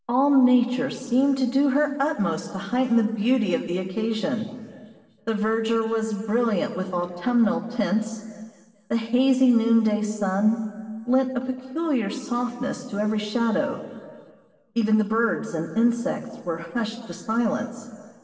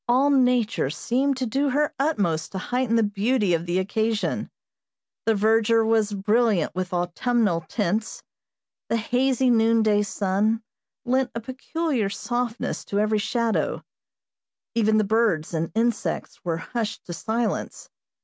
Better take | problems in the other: second | room echo; dies away in 2 s

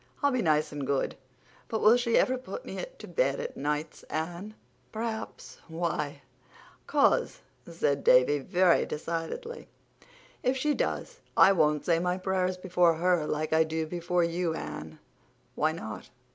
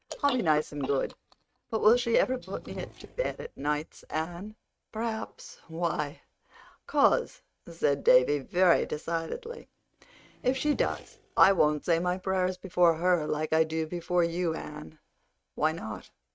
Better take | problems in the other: first | noise reduction (neural mask model RNNoise)

